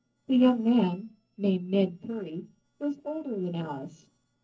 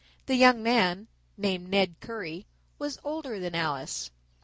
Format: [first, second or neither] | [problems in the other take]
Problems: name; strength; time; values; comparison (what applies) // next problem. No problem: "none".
second | noise reduction (neural separator model SepFormer DNS4)